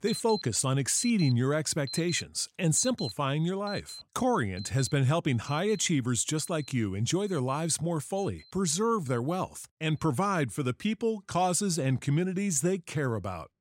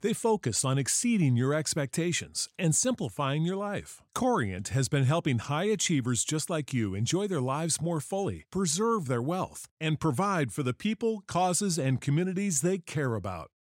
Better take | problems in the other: second | alarms or sirens; noticeable; throughout; 15 dB below the speech

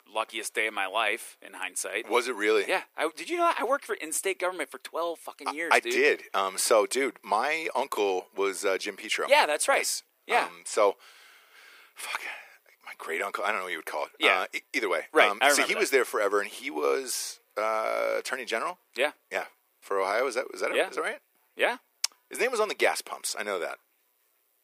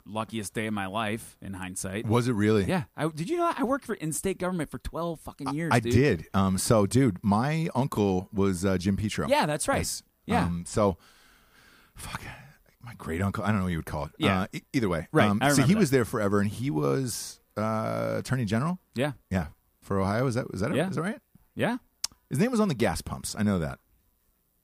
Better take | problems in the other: second | thin; very; fading below 400 Hz

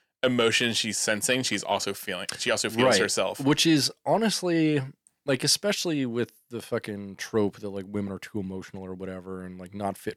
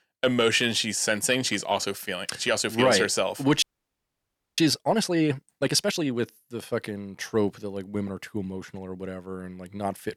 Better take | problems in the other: first | audio freezing; at 3.5 s for 1 s

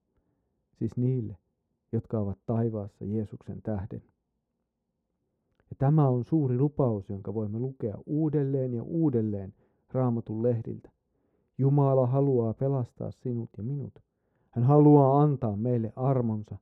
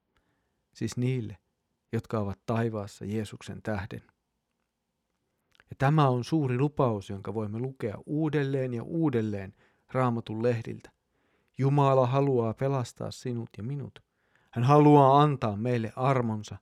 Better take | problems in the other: second | muffled; very; fading above 1 kHz

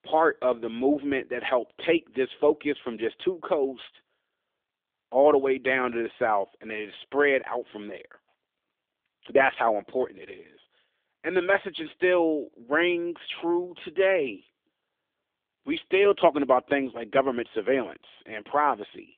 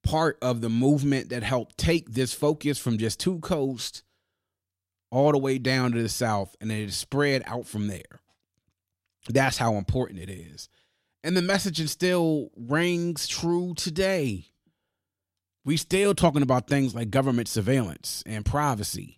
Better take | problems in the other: second | phone-call audio; nothing above 3.5 kHz

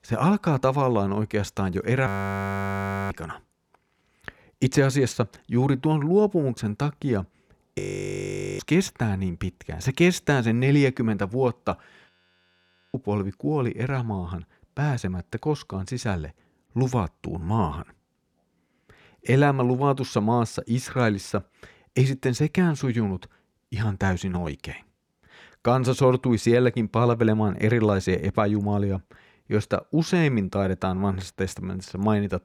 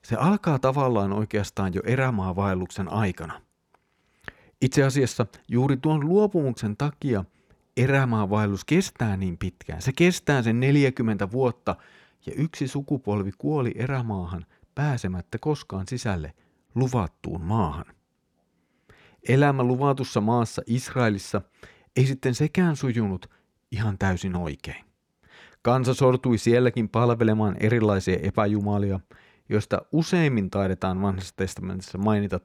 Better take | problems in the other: second | audio freezing; at 2 s for 1 s, at 8 s for 1 s and at 12 s for 1 s

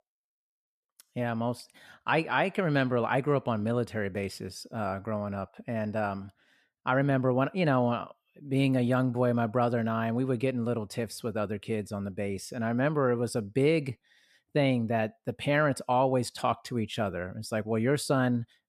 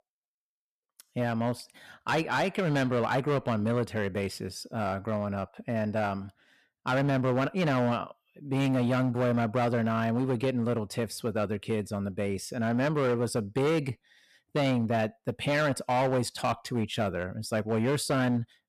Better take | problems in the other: first | distortion; slight; 11% of the sound clipped

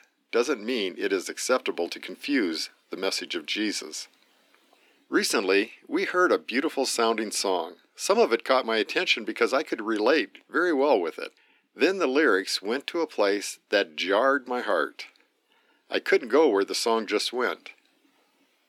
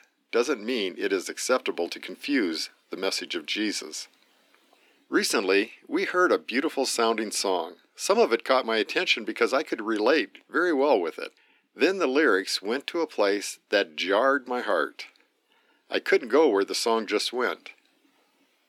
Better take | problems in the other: neither | thin; very slightly; fading below 250 Hz; the same in both

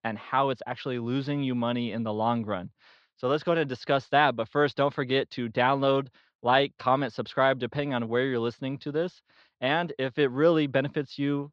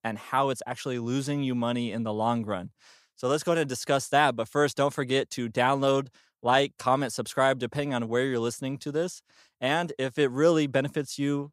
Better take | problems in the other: second | muffled; slightly; fading above 4 kHz

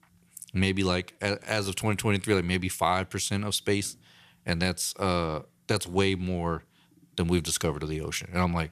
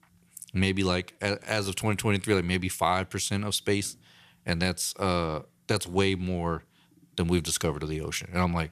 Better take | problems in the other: neither | none

